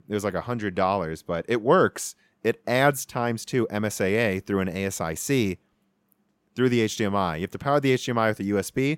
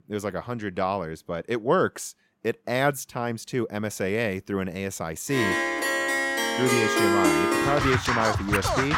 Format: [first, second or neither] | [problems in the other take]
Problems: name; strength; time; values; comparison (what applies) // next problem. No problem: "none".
first | background music; very loud; from 5.5 s on; 4 dB above the speech